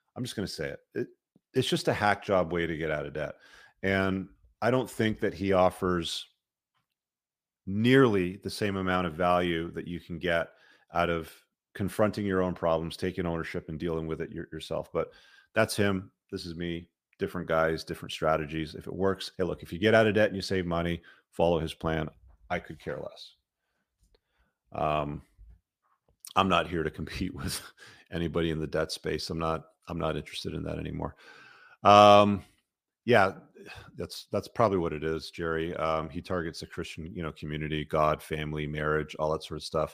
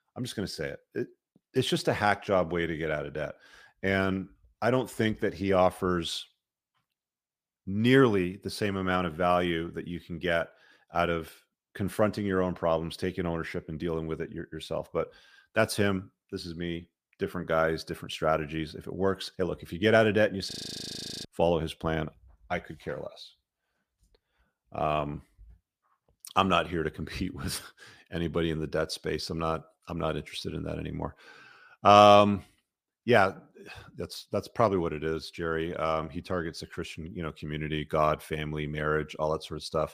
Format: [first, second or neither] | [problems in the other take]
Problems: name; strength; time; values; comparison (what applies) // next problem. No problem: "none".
first | audio freezing; at 21 s for 0.5 s